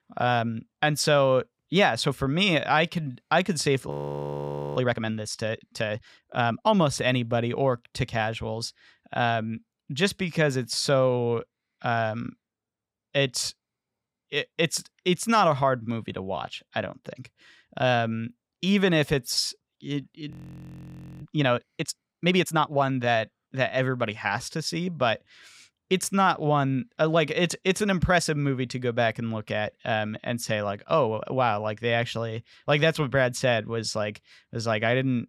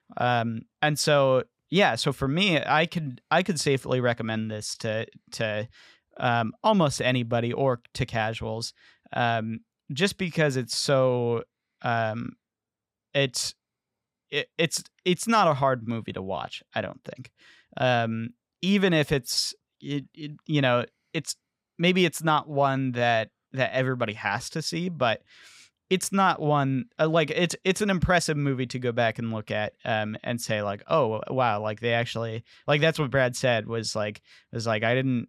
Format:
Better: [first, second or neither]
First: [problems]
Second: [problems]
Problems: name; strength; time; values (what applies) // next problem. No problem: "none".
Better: second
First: audio freezing; at 4 s for 1 s and at 20 s for 1 s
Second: none